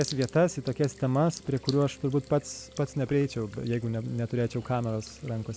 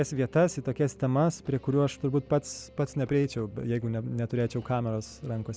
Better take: second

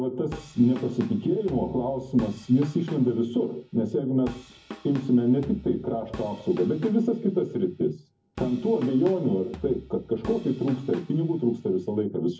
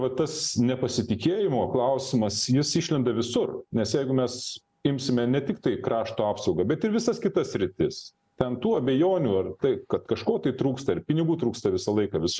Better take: second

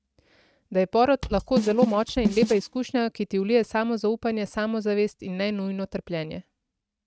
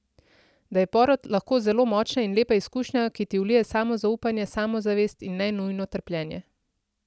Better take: second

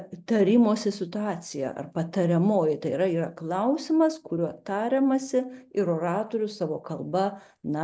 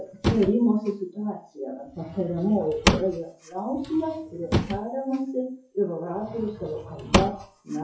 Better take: first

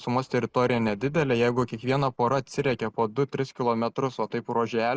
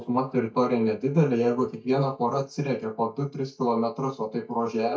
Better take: first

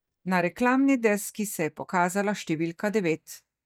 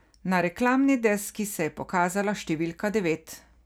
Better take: second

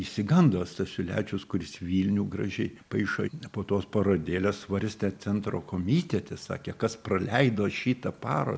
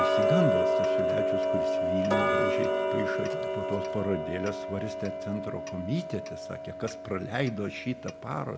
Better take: first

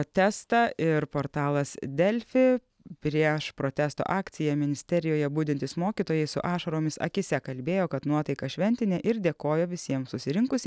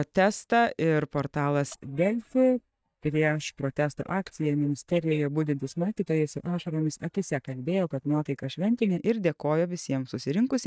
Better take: first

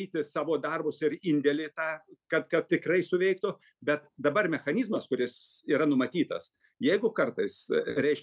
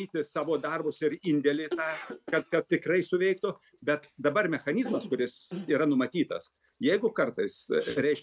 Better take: first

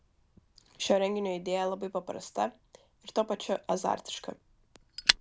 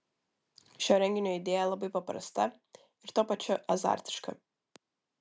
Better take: second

